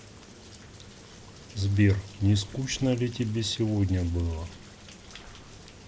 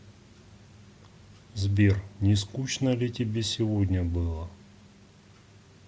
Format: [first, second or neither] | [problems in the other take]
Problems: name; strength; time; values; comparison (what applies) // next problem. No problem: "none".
second | background sound (Rain); 19 dB below the speech